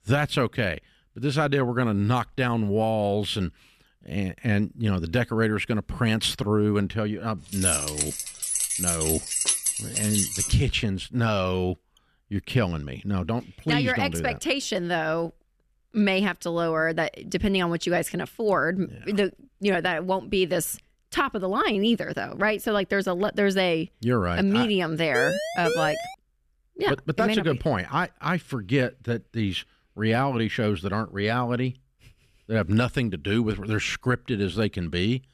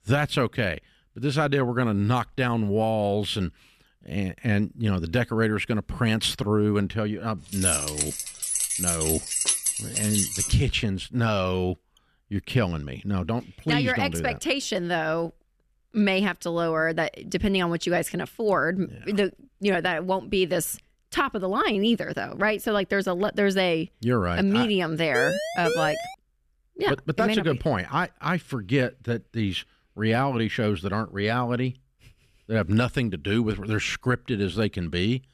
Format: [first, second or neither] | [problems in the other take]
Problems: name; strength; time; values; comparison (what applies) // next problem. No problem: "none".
neither | jangling keys; loud; from 7.5 to 11 s; peak 4 dB above the speech; the same in both // siren; noticeable; from 25 to 26 s; peak 1 dB below the speech; the same in both